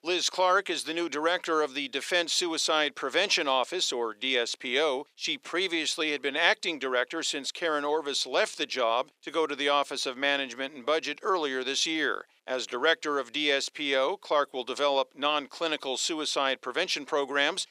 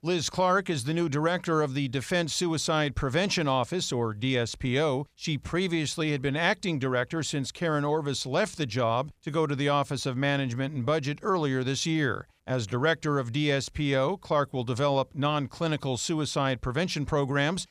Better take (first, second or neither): second